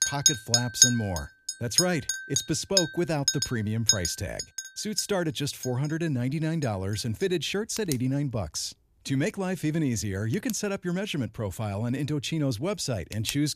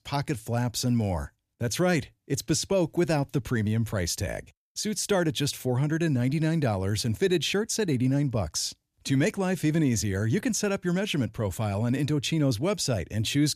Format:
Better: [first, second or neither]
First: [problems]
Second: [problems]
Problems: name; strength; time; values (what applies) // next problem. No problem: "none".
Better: second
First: household noises; very loud; throughout; 3 dB above the speech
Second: none